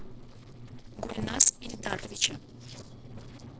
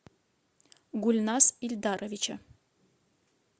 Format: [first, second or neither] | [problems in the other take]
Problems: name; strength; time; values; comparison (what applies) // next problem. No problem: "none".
second | noise reduction (neural separator model SepFormer DNS4)